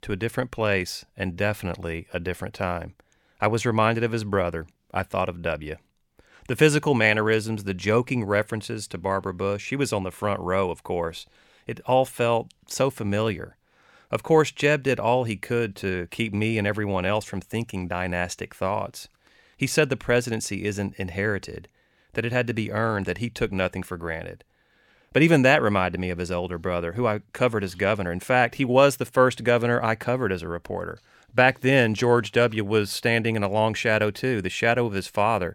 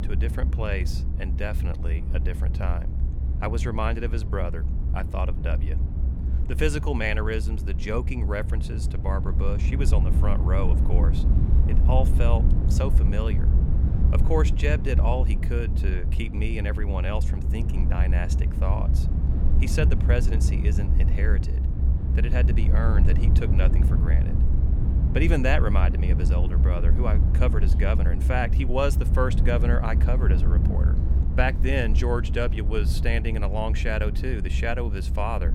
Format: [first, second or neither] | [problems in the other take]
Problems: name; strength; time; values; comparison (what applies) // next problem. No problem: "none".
first | low rumble; loud; throughout; 8 dB below the speech